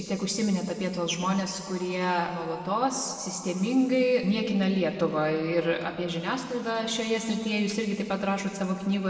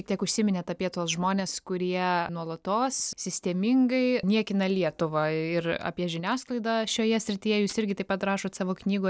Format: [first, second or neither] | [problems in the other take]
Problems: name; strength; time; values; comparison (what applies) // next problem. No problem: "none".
second | room echo; dies away in 2.2 s